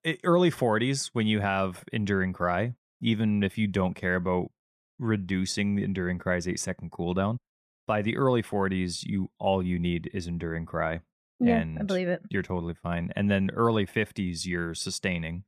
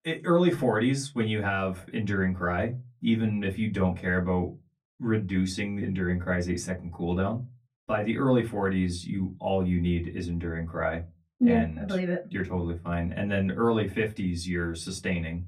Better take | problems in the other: first | off-mic speech; far // room echo; very slight; dies away in 0.2 s

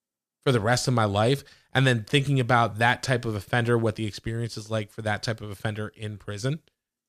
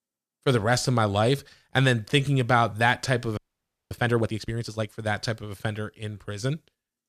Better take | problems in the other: first | audio freezing; at 3.5 s for 0.5 s

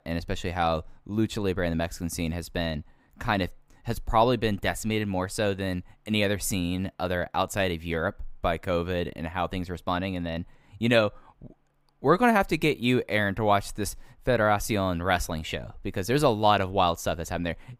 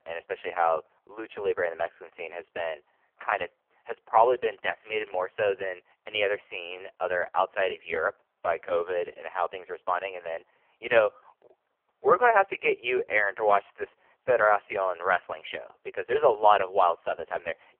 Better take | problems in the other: first | phone-call audio; poor line; nothing above 3 kHz

